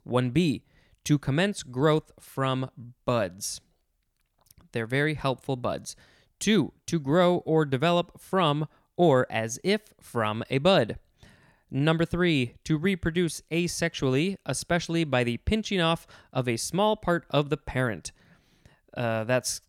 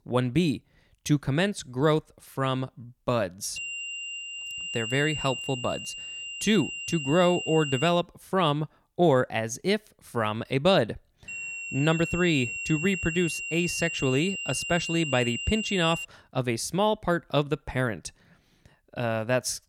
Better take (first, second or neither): first